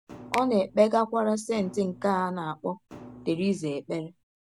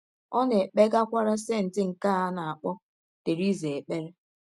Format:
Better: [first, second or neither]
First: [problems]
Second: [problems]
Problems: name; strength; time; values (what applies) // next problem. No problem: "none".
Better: second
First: background sound (Finger snapping + Thump, thud); 18 dB below the speech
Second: none